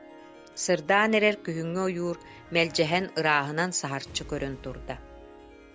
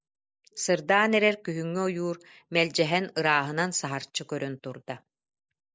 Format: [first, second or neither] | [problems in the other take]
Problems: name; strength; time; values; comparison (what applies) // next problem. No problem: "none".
second | background sound (Harp + Explosion); 19 dB below the speech